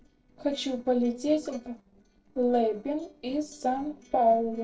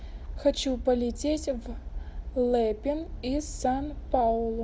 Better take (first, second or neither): second